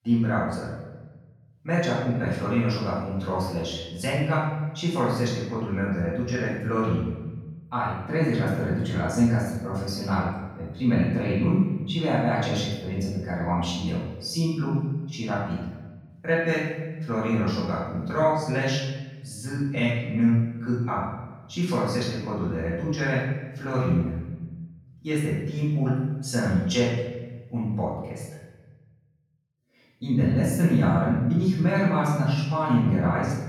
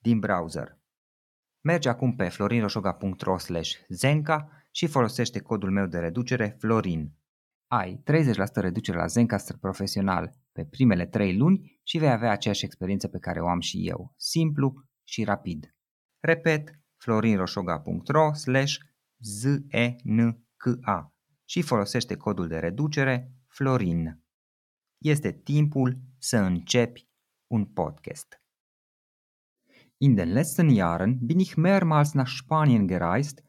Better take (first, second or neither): second